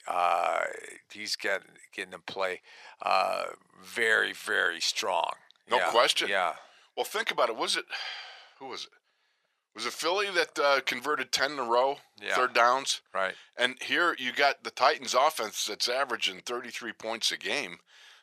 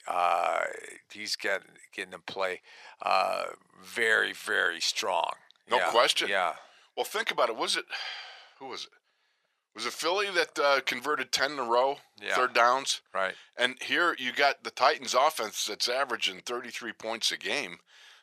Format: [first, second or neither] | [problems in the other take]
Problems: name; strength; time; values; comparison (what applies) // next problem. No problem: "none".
neither | thin; very; fading below 700 Hz; the same in both